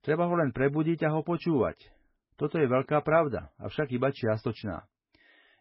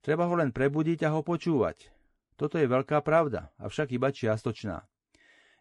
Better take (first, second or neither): second